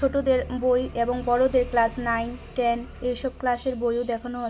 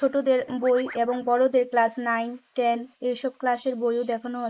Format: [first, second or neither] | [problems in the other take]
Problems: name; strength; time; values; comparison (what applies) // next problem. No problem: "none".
first | noise reduction (neural mask model Resemble Enhance denoiser)